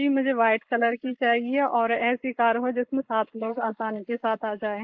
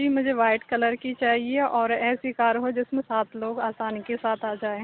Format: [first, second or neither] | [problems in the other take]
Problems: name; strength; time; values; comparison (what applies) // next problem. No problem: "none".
second | noise reduction (neural mask model Resemble Enhance denoiser)